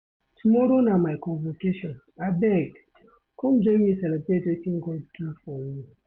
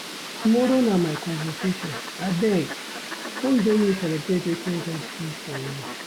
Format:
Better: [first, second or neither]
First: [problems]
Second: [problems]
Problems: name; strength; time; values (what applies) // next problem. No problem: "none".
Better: first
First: none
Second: background sound (Fowl); 10 dB below the speech